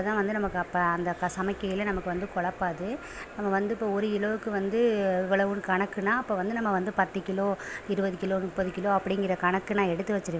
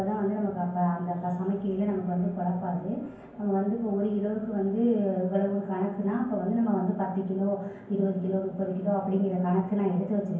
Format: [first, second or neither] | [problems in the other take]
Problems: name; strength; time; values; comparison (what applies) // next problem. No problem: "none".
first | room echo; dies away in 0.9 s